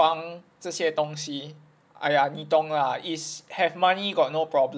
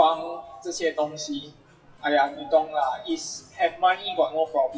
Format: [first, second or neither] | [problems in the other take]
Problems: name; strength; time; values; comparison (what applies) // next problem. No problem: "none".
first | noise reduction (classical method WPE with log-MMSE)